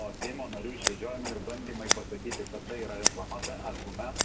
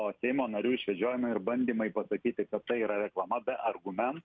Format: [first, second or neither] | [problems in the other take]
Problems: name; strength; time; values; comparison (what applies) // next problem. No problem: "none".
second | background sound (Scissors); 5 dB above the speech // room echo; dies away in 0.9 s